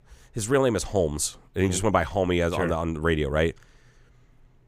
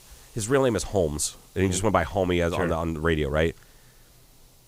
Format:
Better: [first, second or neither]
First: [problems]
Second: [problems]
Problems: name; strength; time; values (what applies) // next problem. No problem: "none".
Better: first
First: none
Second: hiss; faint; throughout; 30 dB below the speech